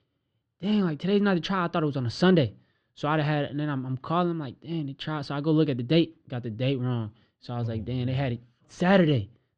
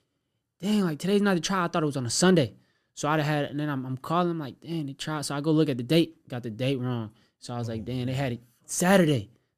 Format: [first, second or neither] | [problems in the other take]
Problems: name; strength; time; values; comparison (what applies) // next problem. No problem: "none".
second | muffled; slightly; fading above 4 kHz